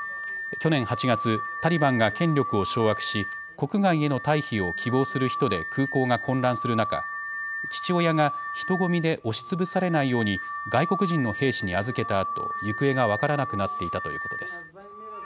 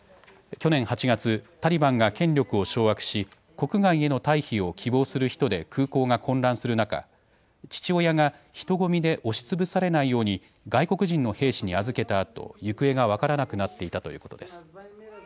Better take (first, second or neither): second